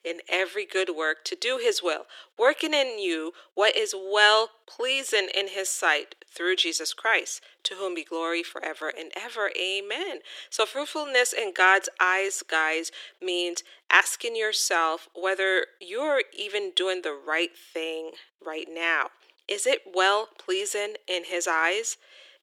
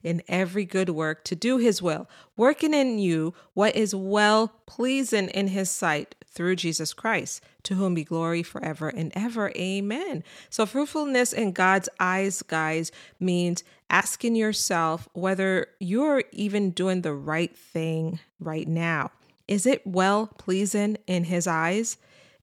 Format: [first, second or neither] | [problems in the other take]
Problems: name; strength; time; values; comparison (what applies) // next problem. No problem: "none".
second | thin; very; fading below 350 Hz